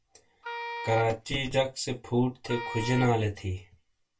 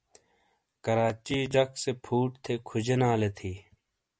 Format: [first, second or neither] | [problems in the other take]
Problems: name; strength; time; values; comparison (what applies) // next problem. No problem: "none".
second | background sound (Wind instrument, woodwind instrument); 9 dB below the speech // room echo; dies away in 0.2 s